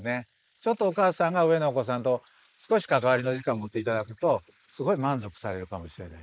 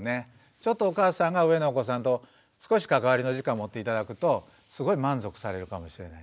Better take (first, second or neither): second